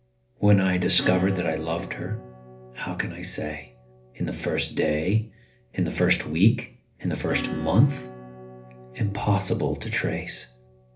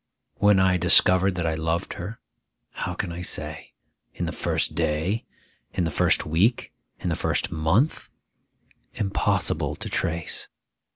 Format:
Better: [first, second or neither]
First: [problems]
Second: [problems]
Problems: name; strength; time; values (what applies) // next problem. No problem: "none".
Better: second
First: background sound (Acoustic guitar / Strum); 15 dB below the speech // room echo; dies away in 0.3 s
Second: none